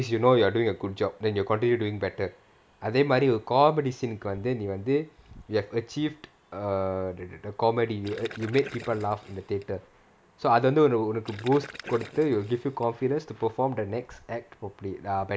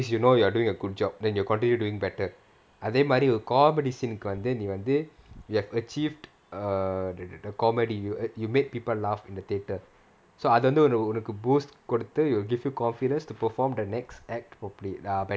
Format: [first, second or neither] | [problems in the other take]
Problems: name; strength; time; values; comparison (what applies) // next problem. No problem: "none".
second | background sound (Gurgling); 18 dB below the speech